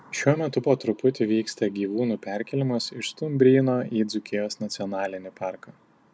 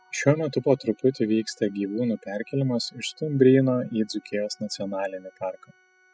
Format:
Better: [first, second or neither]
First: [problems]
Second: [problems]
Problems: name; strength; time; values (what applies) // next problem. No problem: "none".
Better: first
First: none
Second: noise reduction (classical method spectral subtraction)